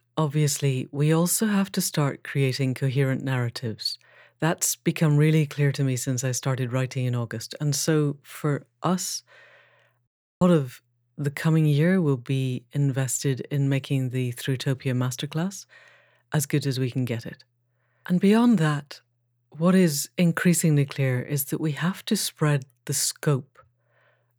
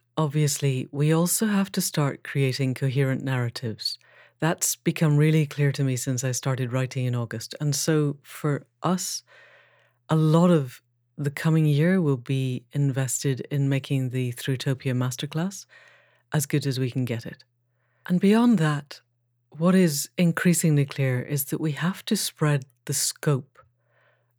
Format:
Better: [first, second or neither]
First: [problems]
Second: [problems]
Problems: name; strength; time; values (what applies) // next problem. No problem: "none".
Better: second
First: audio cutting out; at 10 s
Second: none